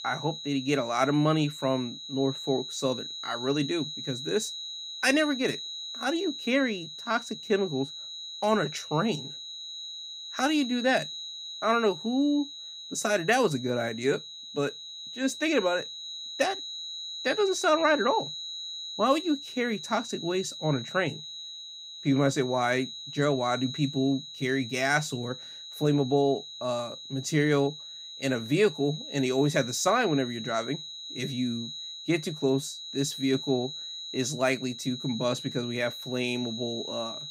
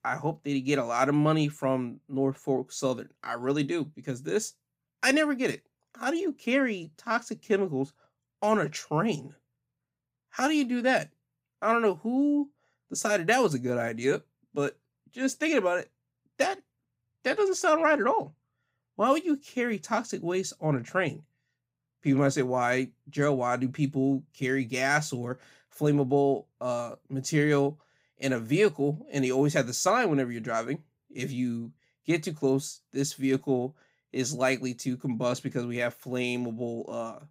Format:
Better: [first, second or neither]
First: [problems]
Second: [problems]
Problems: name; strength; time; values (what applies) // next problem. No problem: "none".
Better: second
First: high-pitched whine; loud; throughout; 4 kHz, 9 dB below the speech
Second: none